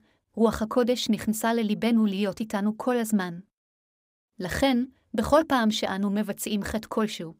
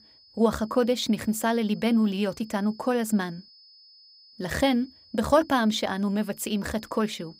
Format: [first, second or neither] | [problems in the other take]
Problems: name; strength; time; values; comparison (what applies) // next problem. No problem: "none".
first | high-pitched whine; faint; throughout; 5 kHz, 25 dB below the speech